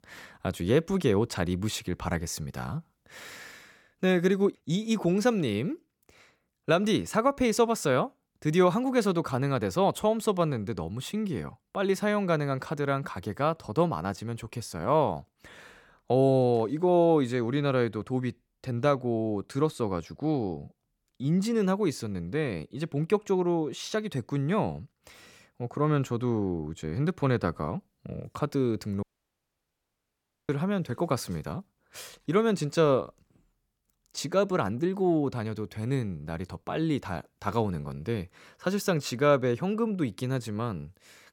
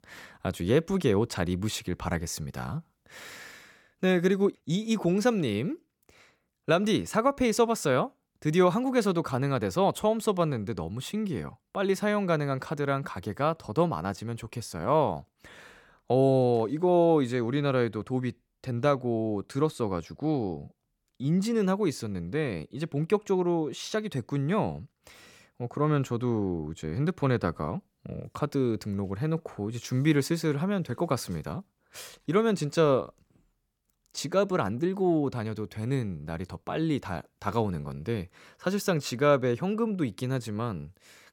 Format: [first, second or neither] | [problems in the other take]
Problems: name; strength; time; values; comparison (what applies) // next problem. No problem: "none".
second | audio cutting out; at 29 s for 1.5 s